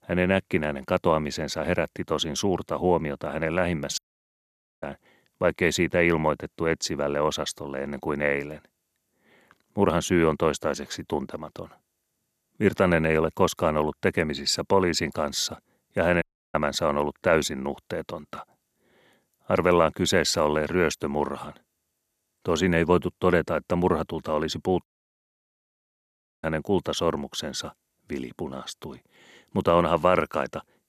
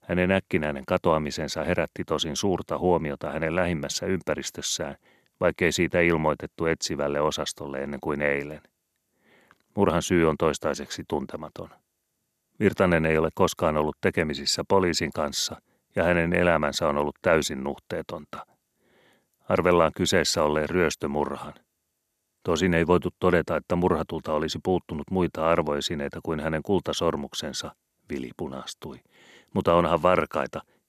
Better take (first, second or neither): second